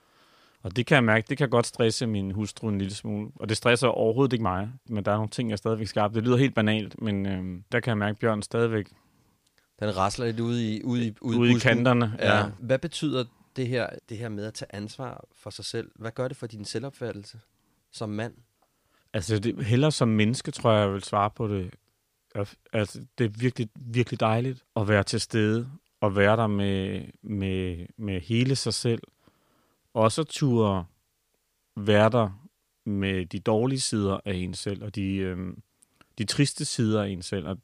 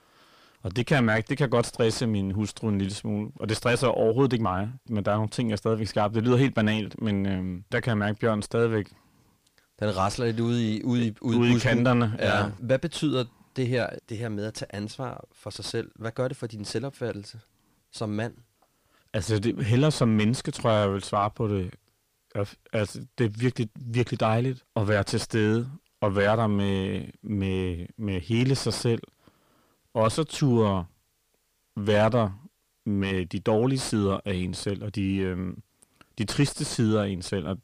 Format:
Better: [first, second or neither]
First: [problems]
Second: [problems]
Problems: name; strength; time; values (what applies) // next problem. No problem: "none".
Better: first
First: none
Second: distortion; slight; 10 dB below the speech